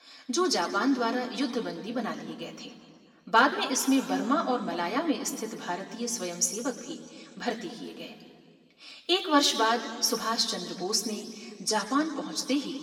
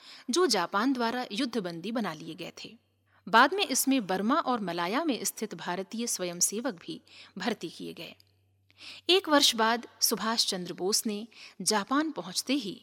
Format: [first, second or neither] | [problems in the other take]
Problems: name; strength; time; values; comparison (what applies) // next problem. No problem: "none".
second | room echo; slight; dies away in 1.9 s // off-mic speech; somewhat distant